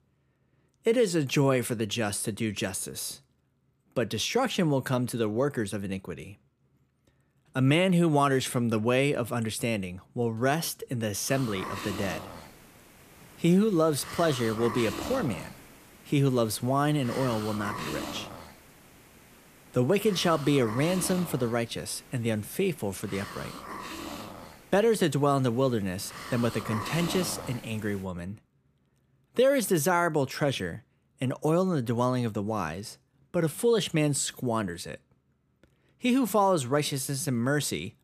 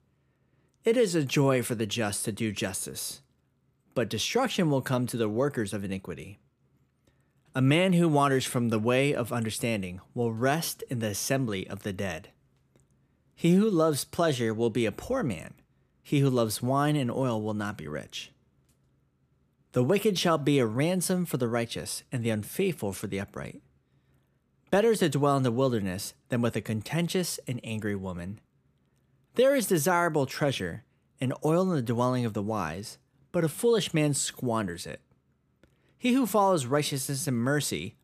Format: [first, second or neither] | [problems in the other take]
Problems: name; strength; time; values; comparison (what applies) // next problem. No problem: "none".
second | hiss; noticeable; from 11 to 28 s; 10 dB below the speech